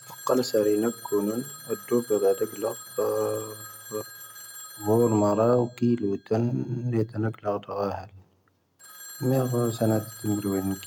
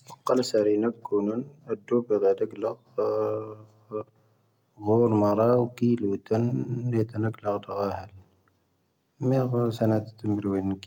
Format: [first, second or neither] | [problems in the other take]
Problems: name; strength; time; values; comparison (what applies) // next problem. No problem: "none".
second | background sound (Telephone); 18 dB below the speech